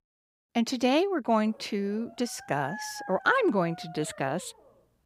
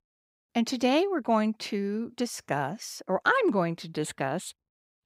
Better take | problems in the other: second | dog barking; faint; from 1.5 s on; peak 10 dB below the speech

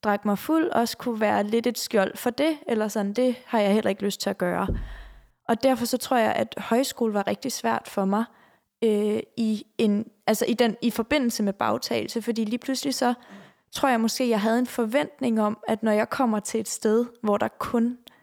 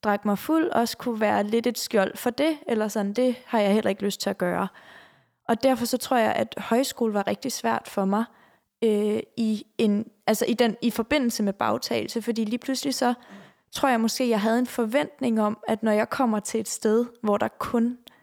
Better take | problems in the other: second | door banging; noticeable; at 4.5 s; peak 9 dB below the speech

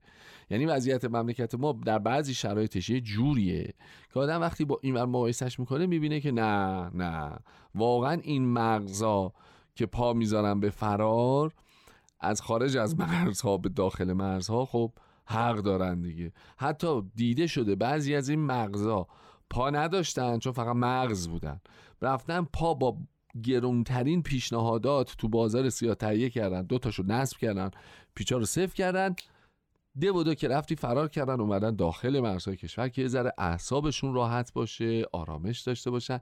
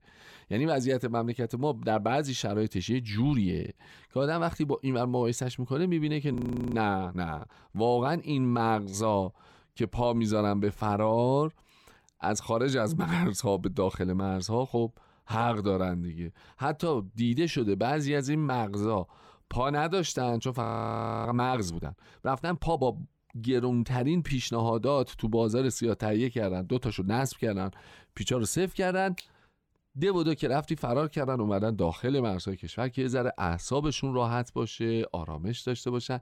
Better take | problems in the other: first | audio freezing; at 6.5 s and at 21 s for 0.5 s

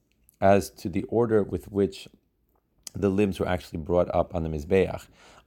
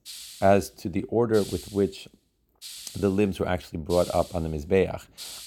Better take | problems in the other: first | hiss; noticeable; throughout; 15 dB below the speech

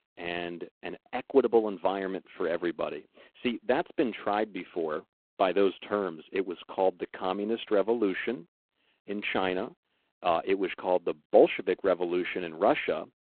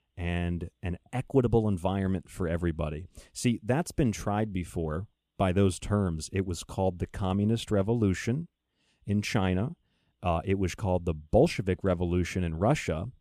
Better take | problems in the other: second | phone-call audio; poor line

